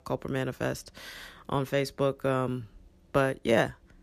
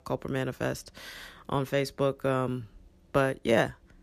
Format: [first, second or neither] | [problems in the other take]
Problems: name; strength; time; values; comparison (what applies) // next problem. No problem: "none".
neither | none